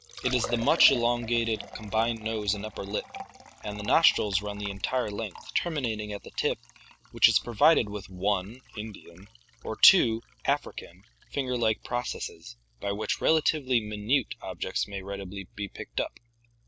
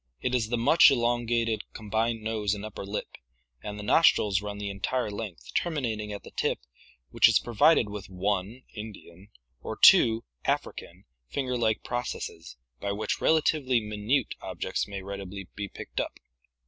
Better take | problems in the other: second | background sound (Liquid); 18 dB below the speech

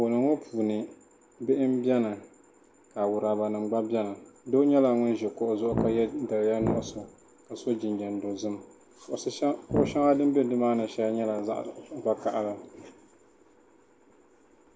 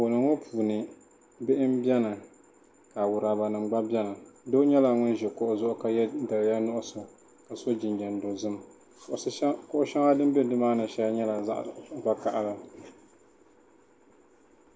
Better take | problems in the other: second | background sound (Brass instrument); 4 dB below the speech

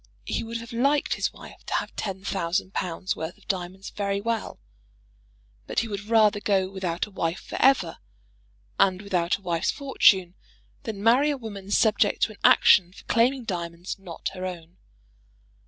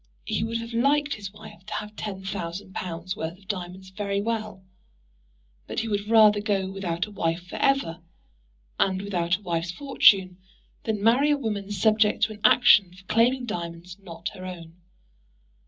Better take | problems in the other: first | room echo; dies away in 0.4 s

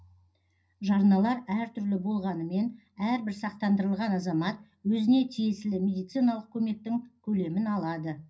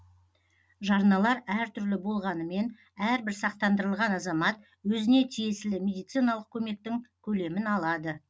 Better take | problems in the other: second | room echo; dies away in 0.4 s

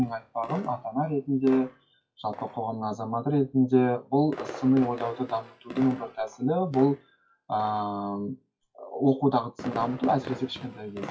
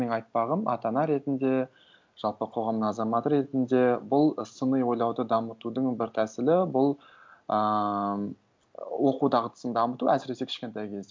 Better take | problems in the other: second | noise reduction (classical method WPE with log-MMSE)

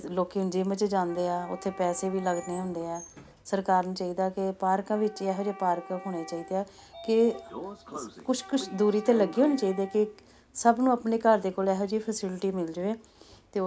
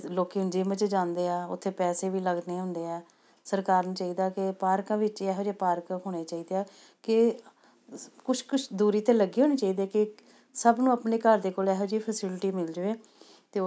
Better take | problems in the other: second | background sound (Sliding door / Train + Wind instrument, woodwind instrument); 18 dB below the speech

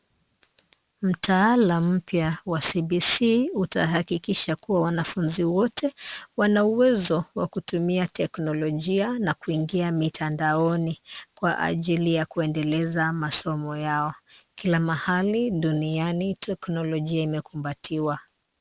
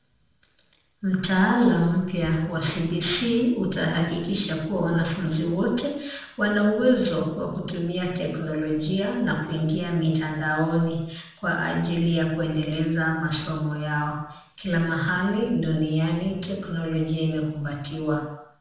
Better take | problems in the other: first | room echo; dies away in 0.7 s

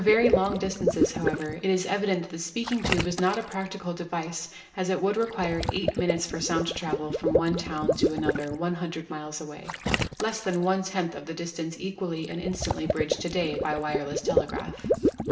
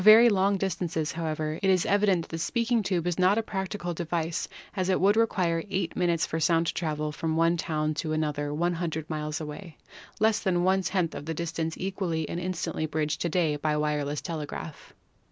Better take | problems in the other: second | background sound (Water / Liquid); 2 dB below the speech // room echo; dies away in 0.7 s

